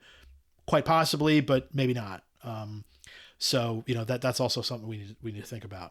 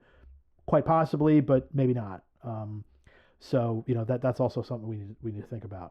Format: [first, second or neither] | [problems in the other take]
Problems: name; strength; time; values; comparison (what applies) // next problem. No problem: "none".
first | muffled; very; fading above 2 kHz